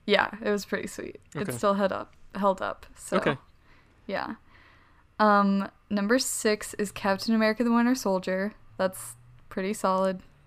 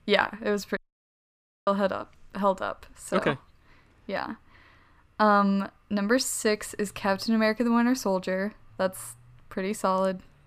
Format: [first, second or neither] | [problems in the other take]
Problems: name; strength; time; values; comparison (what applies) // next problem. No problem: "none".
first | audio cutting out; at 1 s for 1 s